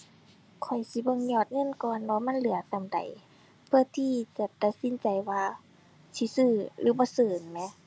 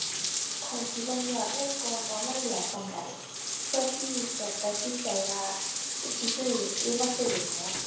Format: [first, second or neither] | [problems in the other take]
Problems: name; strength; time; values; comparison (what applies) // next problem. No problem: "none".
first | background sound (Bathtub (filling or washing)); 2 dB above the speech // room echo; dies away in 0.6 s